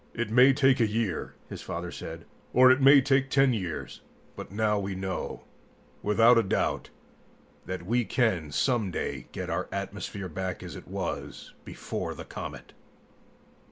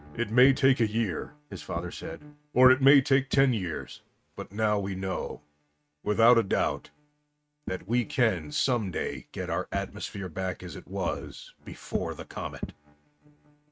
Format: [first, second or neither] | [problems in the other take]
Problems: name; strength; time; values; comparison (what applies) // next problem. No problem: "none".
first | noise reduction (neural mask model RNNoise)